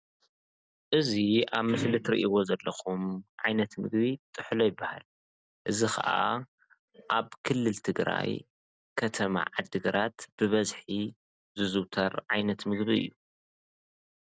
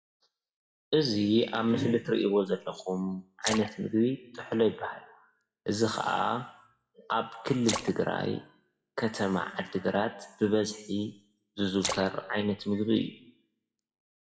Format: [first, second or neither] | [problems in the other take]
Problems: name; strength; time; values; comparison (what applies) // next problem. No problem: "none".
first | noise reduction (classical method WPE with log-MMSE)